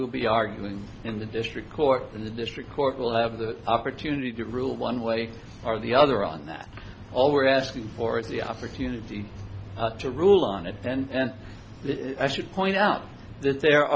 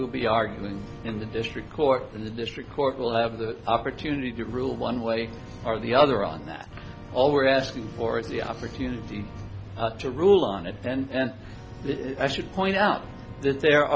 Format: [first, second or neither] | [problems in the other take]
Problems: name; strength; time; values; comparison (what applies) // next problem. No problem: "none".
first | background sound (Organ); 18 dB below the speech